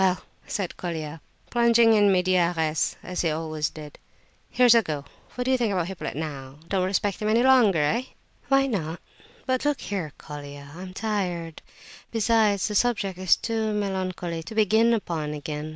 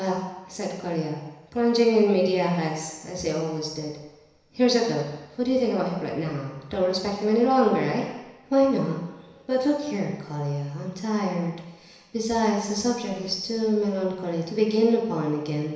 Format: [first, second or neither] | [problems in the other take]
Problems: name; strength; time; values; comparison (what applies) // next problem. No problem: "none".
first | room echo; dies away in 1 s